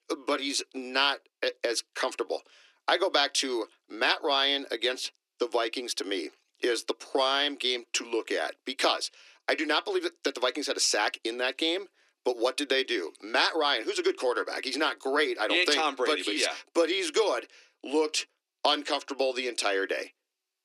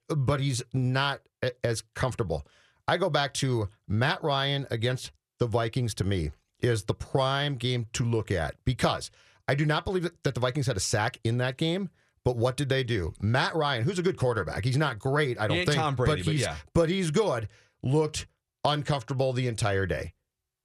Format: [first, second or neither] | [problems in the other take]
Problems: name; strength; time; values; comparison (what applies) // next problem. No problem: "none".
second | thin; somewhat; fading below 300 Hz